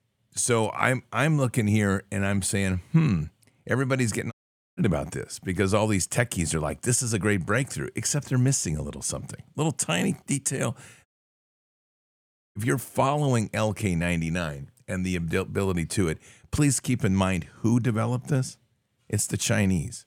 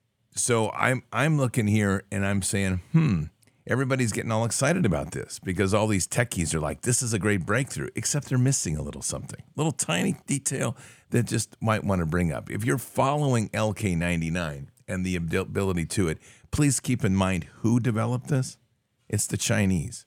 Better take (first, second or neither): second